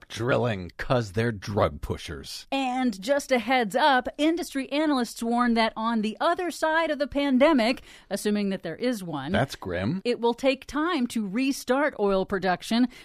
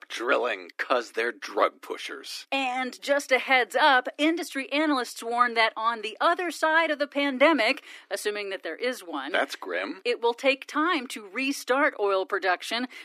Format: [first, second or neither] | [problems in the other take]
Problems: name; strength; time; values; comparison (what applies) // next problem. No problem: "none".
first | thin; somewhat; fading below 300 Hz